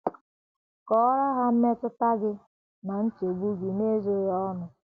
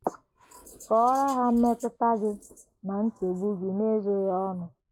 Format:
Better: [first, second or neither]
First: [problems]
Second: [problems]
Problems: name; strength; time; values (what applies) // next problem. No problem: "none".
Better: first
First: none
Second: noise reduction (neural mask model Resemble Enhance denoiser)